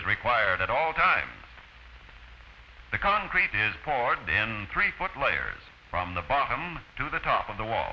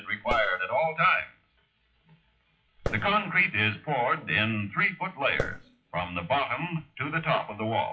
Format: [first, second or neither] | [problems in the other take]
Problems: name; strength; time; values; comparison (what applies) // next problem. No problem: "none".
first | noise reduction (classical method WPE with log-MMSE)